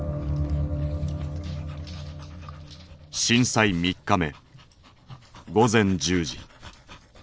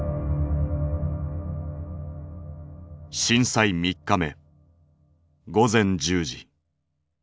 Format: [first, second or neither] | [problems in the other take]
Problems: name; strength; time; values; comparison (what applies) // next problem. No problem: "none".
second | noise reduction (neural separator model SepFormer DNS4)